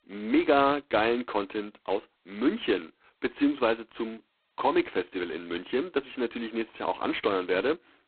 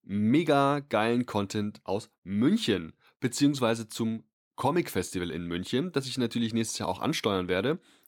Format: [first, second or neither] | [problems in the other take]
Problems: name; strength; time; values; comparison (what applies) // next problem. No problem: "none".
second | phone-call audio; poor line; nothing above 4 kHz